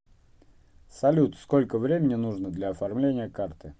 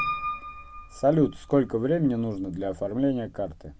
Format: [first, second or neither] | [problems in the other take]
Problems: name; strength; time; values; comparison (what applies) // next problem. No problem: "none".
first | background sound (Piano); 11 dB below the speech